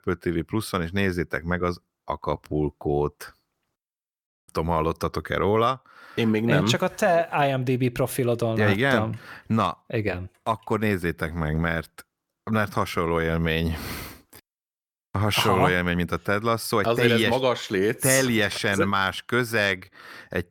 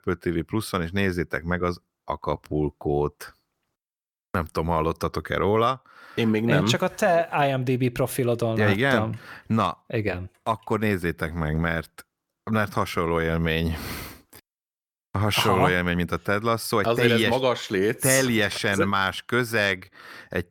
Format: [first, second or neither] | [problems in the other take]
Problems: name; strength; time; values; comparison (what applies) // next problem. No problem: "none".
second | audio cutting out; at 4.5 s